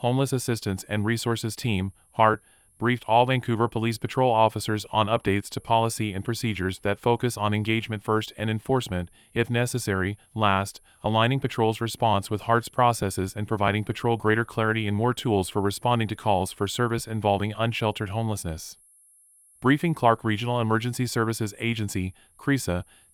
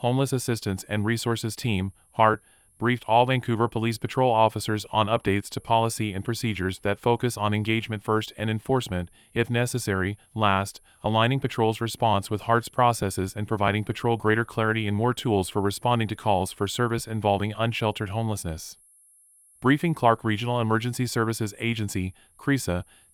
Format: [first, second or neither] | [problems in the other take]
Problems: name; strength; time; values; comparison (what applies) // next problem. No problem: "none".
neither | high-pitched whine; faint; throughout; 11 kHz, 30 dB below the speech; the same in both